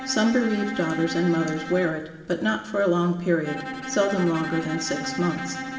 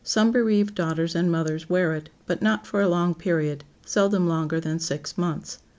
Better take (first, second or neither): second